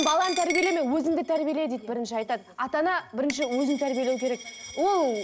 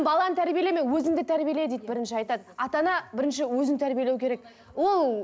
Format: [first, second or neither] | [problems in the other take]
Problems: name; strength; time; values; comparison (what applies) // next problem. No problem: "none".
second | background sound (Coin (dropping)); 11 dB below the speech